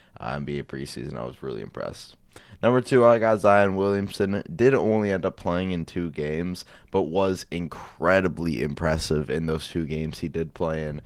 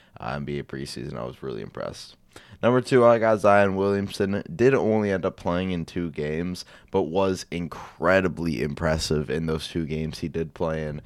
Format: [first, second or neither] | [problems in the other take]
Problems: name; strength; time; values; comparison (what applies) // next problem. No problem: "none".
second | garbled, watery; slightly; nothing above 15.5 kHz